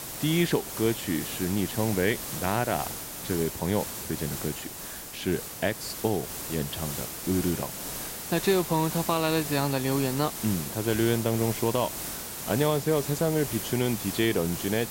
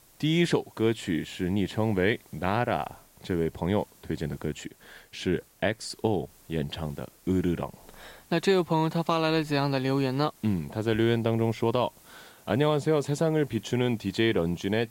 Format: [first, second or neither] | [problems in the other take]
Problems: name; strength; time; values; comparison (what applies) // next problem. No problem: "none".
second | hiss; loud; throughout; 6 dB below the speech; faint in the second